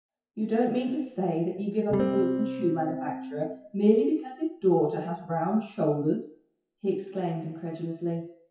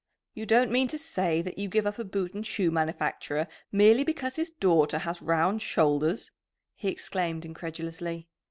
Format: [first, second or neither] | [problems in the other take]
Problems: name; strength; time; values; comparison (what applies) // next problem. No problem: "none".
second | noise reduction (classical method WPE with log-MMSE)